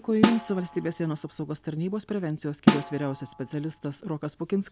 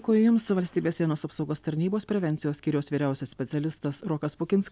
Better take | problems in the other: second | background sound (Snare drum); as loud as the speech

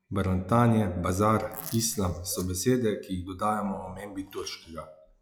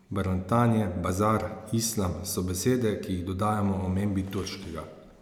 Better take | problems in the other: second | noise reduction (classical method log-MMSE)

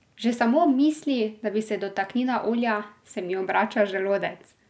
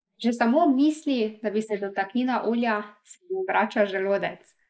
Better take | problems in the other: first | noise reduction (neural mask model Resemble Enhance denoiser)

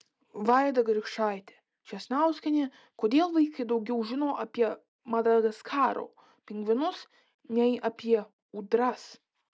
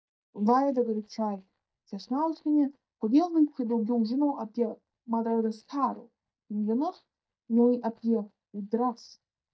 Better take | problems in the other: first | noise reduction (neural mask model DeepFilterNet 3)

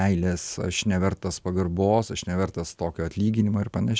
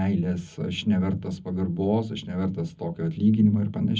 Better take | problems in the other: first | room echo; dies away in 0.4 s

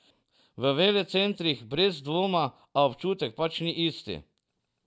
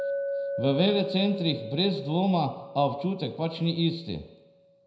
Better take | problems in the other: first | background sound (Chink, clink); 9 dB below the speech // room echo; dies away in 0.7 s

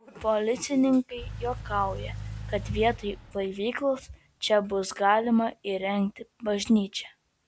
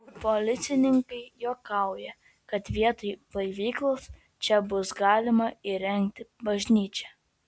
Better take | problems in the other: second | background sound (Engine / Car); 12 dB below the speech

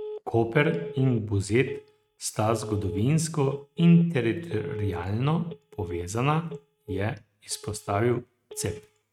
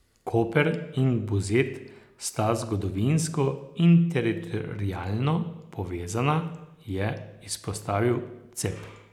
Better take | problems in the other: second | noise reduction (neural mask model RNNoise)

